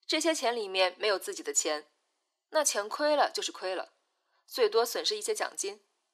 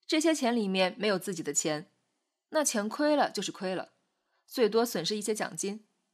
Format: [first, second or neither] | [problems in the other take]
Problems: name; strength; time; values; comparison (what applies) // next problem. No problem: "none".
second | thin; very; fading below 350 Hz